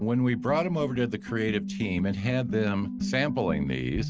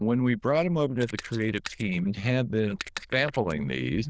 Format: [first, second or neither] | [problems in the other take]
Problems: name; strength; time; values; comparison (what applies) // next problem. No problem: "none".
first | noise reduction (neural diffusion model UNIVERSE++)